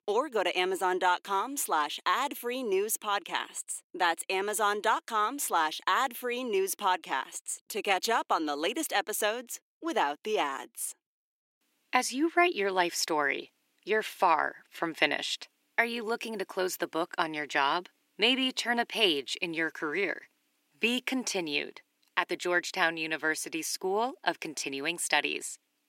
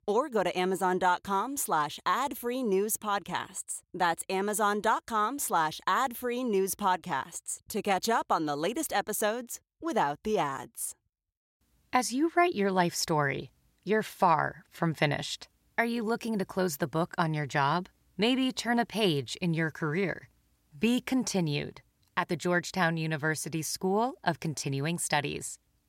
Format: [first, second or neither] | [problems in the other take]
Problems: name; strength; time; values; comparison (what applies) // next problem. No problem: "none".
second | thin; somewhat; fading below 300 Hz